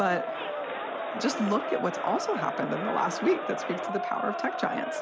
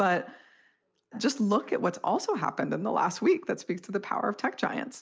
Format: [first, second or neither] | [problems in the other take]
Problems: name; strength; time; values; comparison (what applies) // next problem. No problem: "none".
second | background sound (Crowd); 3 dB below the speech